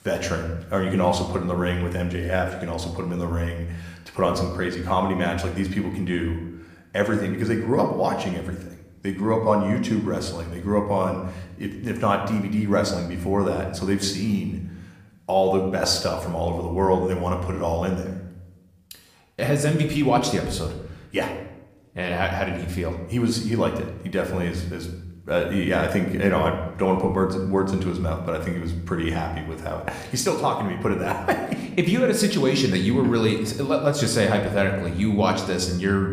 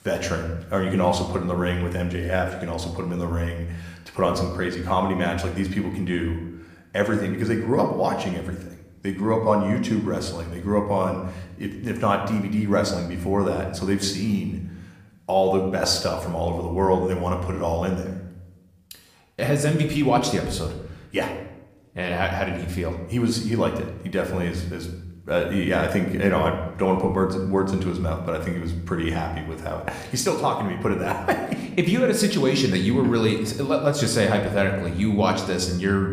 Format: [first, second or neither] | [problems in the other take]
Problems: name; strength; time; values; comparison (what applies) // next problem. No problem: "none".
neither | room echo; slight; dies away in 0.7 s; the same in both